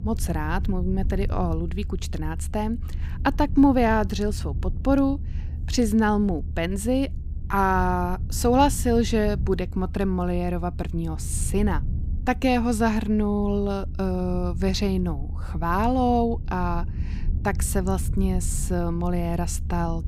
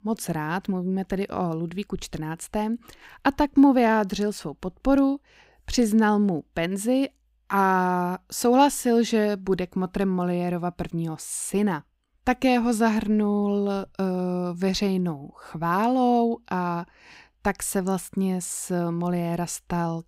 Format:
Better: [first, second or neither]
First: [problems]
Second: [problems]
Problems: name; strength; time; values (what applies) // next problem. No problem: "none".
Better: second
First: low rumble; faint; throughout; 20 dB below the speech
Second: none